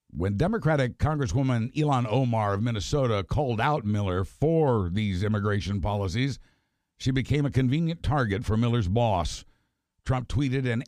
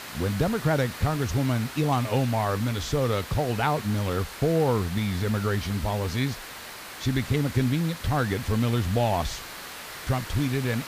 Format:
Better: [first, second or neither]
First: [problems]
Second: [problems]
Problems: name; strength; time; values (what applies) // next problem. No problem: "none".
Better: first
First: none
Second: hiss; noticeable; throughout; 10 dB below the speech